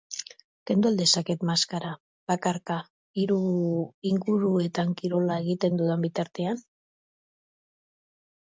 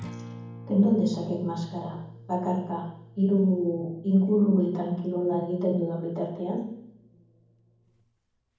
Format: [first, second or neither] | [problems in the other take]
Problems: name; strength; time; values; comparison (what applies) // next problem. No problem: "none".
first | background sound (Acoustic guitar); 20 dB below the speech // room echo; dies away in 1.2 s